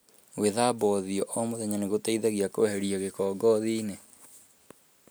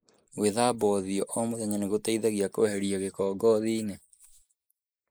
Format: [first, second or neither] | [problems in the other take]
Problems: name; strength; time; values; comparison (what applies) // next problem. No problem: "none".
first | noise reduction (neural mask model Resemble Enhance denoiser)